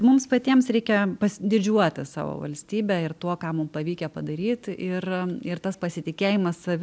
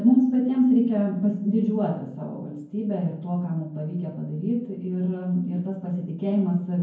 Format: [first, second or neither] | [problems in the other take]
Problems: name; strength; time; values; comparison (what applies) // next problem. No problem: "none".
first | room echo; dies away in 0.9 s